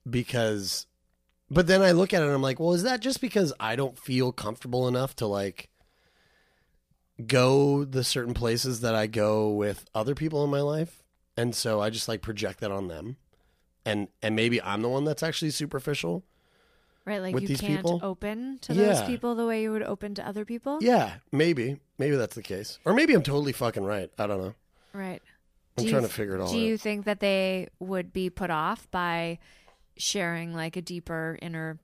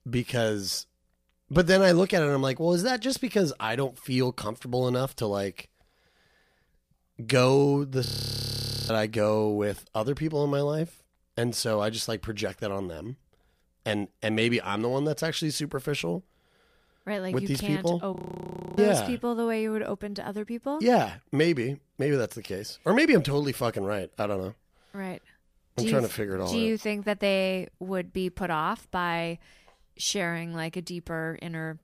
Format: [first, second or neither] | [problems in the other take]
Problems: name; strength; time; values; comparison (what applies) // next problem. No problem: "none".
first | audio freezing; at 8 s for 1 s and at 18 s for 0.5 s